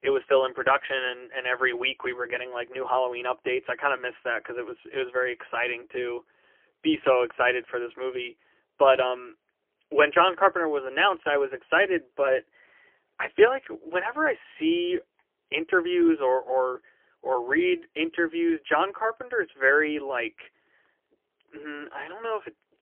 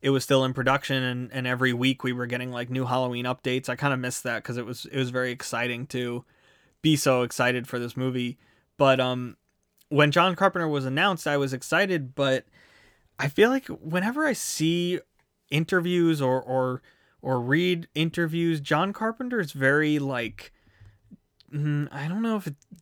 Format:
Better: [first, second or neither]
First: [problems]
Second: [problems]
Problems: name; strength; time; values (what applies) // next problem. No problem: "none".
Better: second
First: phone-call audio; poor line; nothing above 3 kHz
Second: none